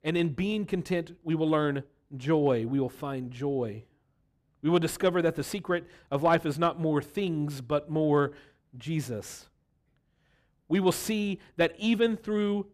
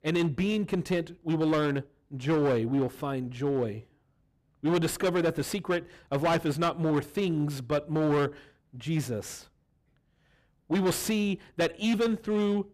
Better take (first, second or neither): first